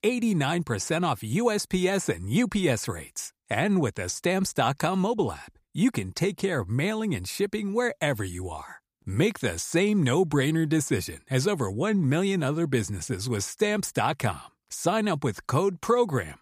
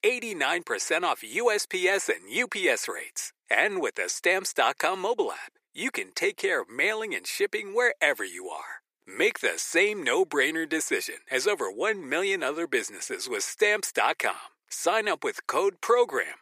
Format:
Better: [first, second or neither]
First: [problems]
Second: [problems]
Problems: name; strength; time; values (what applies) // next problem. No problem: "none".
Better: first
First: none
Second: thin; very; fading below 400 Hz